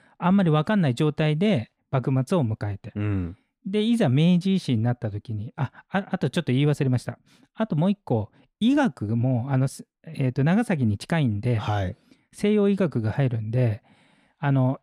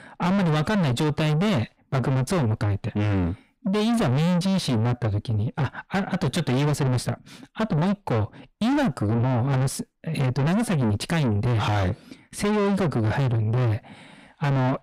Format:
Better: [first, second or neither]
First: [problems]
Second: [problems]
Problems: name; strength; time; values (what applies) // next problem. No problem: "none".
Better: first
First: none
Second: distortion; heavy; 6 dB below the speech